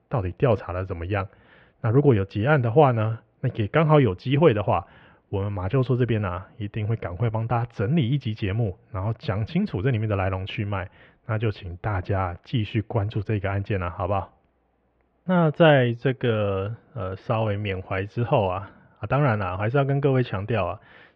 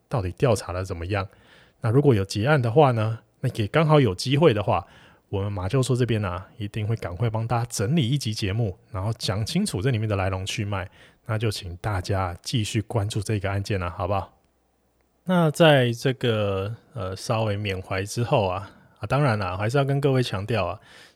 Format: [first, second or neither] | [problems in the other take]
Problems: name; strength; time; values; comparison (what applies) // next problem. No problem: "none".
second | muffled; very; fading above 2.5 kHz